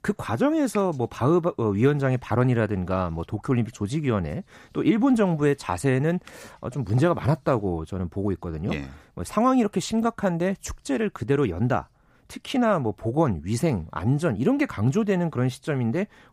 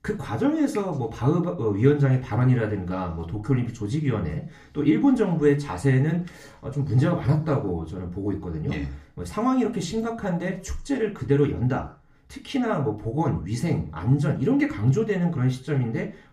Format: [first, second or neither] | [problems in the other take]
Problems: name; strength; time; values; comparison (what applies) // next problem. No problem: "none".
first | room echo; very slight; dies away in 0.3 s // off-mic speech; far